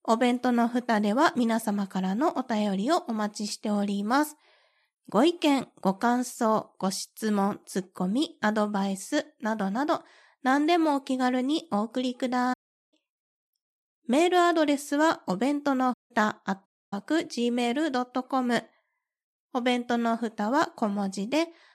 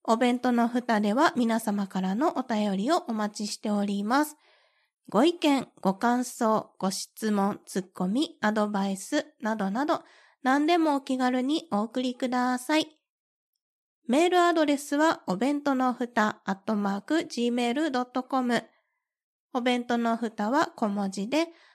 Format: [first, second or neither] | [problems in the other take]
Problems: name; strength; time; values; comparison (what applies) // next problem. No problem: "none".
second | audio cutting out; at 13 s, at 16 s and at 17 s